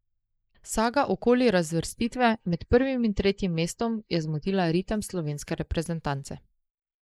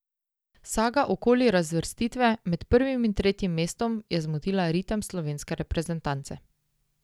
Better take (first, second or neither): second